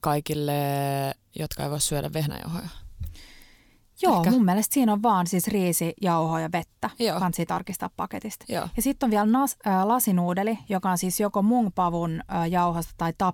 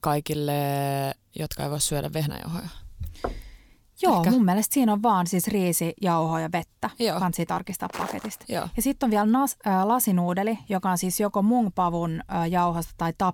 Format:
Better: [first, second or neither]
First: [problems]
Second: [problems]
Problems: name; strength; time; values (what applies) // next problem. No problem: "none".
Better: first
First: none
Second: door banging; faint; at 3 s; peak 10 dB below the speech // footsteps; faint; at 8 s; peak 10 dB below the speech